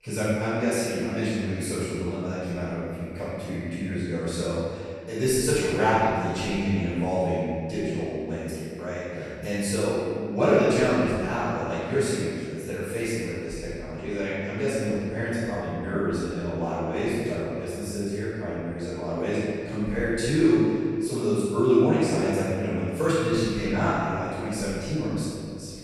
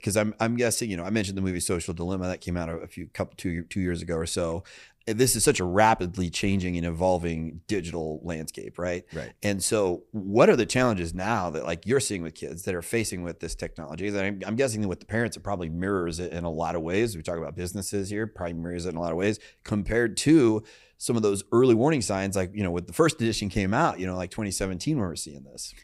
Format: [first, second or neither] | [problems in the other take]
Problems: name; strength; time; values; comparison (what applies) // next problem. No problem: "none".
second | room echo; strong; dies away in 2 s // off-mic speech; far